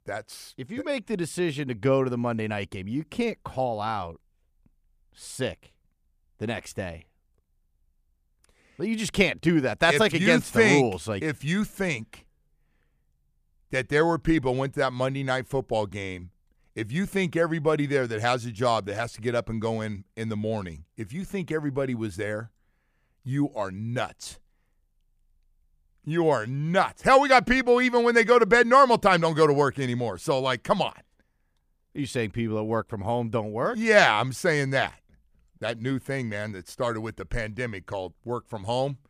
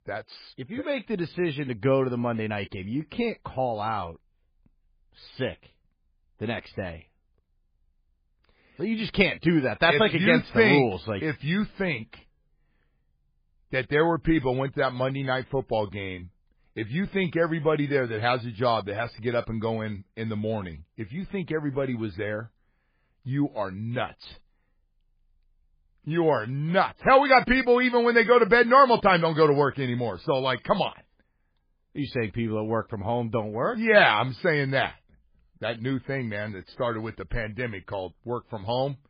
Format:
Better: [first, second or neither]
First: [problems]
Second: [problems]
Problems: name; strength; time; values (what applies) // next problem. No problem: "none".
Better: first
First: none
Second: garbled, watery; badly; nothing above 5 kHz